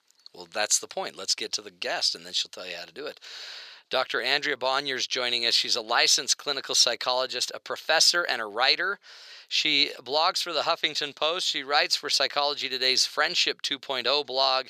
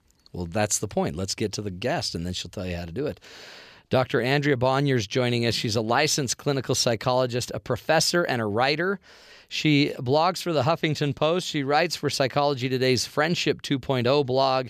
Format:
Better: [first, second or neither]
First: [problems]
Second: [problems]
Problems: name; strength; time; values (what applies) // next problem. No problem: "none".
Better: second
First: thin; very; fading below 550 Hz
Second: none